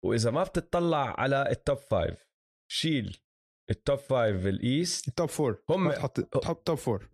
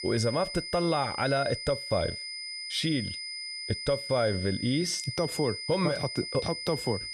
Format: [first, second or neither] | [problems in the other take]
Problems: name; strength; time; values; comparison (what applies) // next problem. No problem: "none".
first | high-pitched whine; loud; throughout; 5 kHz, 6 dB below the speech